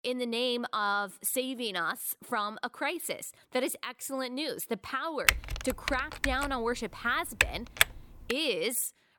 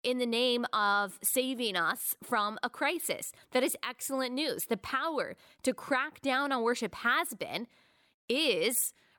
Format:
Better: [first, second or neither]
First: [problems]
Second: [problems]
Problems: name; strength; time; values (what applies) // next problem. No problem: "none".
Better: second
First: keyboard typing; loud; from 5.5 to 8.5 s; peak 6 dB above the speech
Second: none